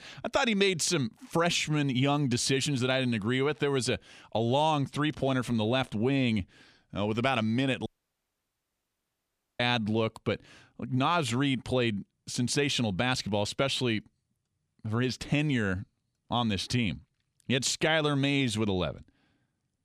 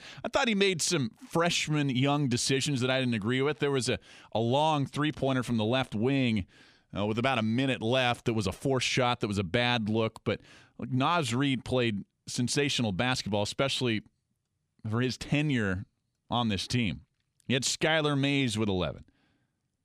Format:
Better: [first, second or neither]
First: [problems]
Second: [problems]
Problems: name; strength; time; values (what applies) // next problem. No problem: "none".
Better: second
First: audio cutting out; at 8 s for 1.5 s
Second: none